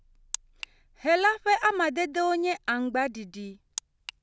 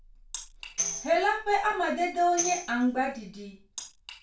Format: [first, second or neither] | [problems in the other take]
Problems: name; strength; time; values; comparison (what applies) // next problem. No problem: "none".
first | background sound (Tambourine); 8 dB below the speech // room echo; dies away in 0.3 s